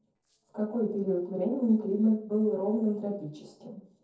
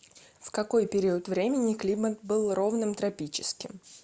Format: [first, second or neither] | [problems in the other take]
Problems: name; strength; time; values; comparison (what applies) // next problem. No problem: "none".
second | noise reduction (neural separator model SepFormer DNS4)